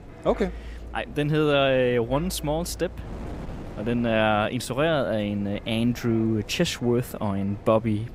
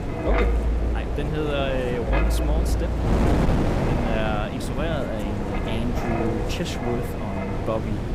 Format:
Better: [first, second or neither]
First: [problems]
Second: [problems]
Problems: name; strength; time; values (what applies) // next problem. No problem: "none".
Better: first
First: wind noise on the microphone; occasional gusts; 20 dB below the speech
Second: wind noise on the microphone; heavy; 1 dB above the speech